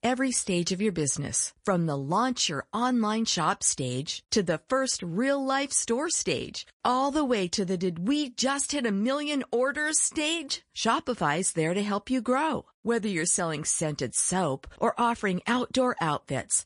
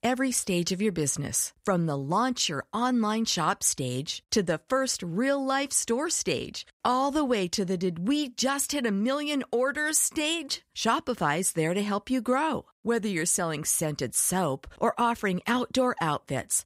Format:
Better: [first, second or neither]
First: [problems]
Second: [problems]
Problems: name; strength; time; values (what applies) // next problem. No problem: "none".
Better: second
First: garbled, watery; slightly; nothing above 10.5 kHz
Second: none